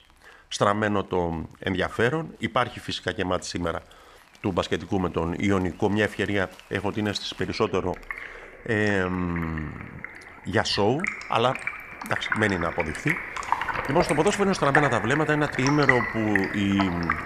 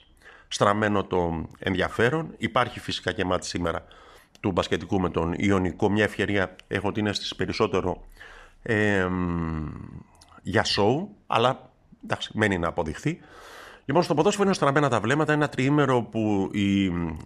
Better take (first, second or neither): second